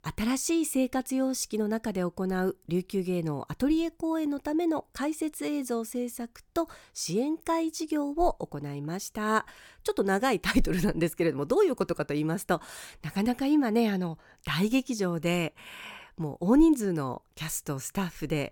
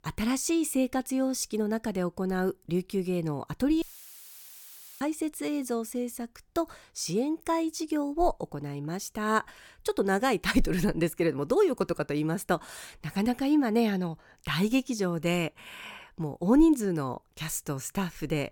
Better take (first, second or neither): first